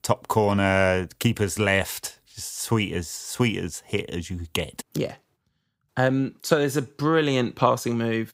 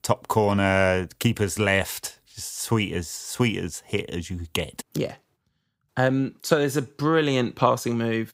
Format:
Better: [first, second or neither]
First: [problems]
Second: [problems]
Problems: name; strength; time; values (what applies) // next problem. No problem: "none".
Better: neither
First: none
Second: none